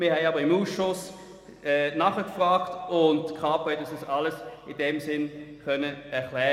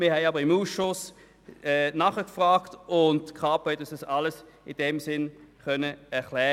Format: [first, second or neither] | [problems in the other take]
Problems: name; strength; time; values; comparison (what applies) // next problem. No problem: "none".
second | room echo; dies away in 1.9 s